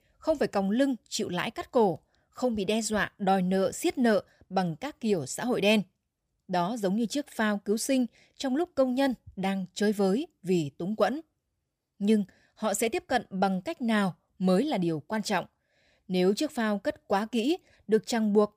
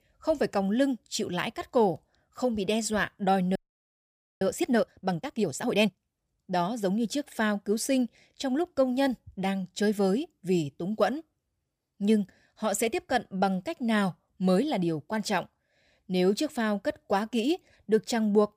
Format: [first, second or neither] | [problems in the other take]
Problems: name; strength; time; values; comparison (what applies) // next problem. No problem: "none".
first | audio freezing; at 3.5 s for 1 s